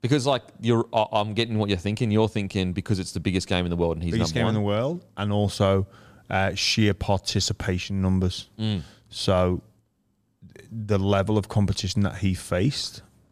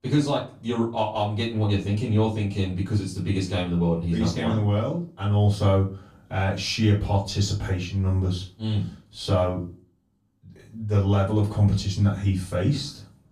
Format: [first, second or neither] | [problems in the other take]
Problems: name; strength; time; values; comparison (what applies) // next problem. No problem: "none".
first | off-mic speech; far // room echo; slight; dies away in 0.3 s